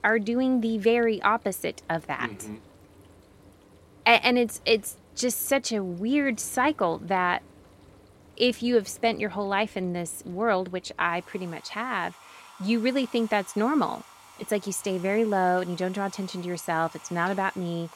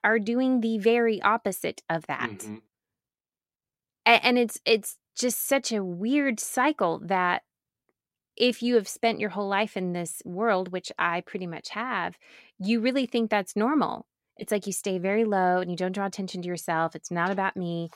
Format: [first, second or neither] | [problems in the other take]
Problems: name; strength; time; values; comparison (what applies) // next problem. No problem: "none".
second | household noises; faint; throughout; 25 dB below the speech